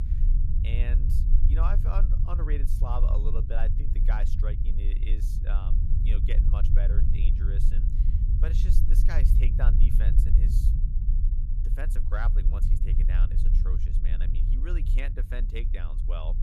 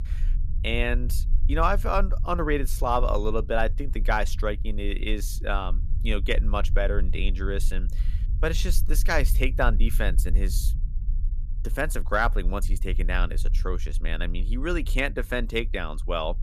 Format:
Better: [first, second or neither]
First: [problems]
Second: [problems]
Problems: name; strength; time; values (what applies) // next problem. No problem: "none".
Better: second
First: low rumble; loud; throughout; 4 dB below the speech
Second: low rumble; faint; throughout; 20 dB below the speech